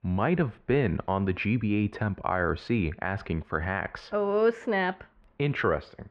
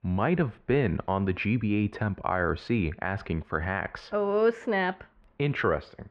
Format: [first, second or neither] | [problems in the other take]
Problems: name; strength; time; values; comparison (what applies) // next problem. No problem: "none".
neither | muffled; very; fading above 2 kHz; the same in both